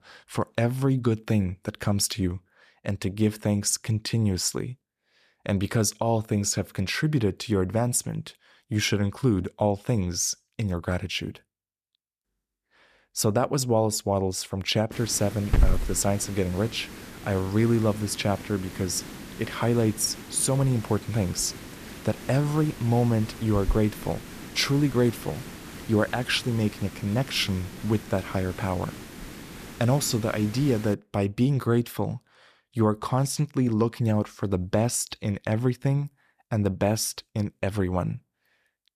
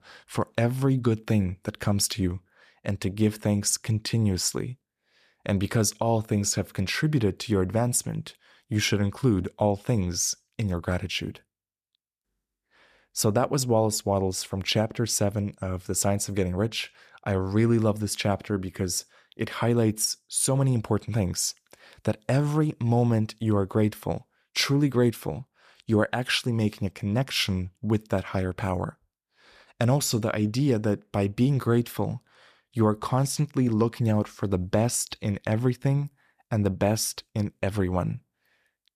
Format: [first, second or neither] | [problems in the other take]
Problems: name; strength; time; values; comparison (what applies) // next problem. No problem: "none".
second | hiss; noticeable; from 15 to 31 s; 10 dB below the speech